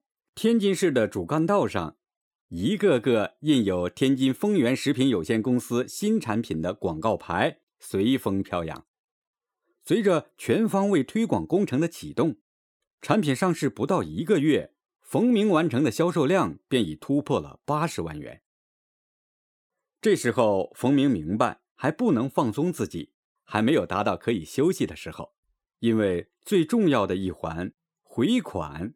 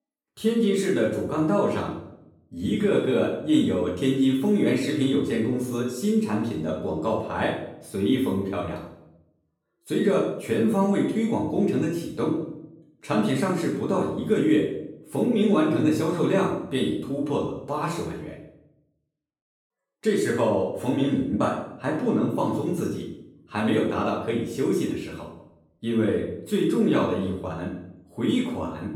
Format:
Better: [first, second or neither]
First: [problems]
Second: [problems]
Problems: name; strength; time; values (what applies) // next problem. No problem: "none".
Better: first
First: none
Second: room echo; noticeable; dies away in 0.6 s // off-mic speech; far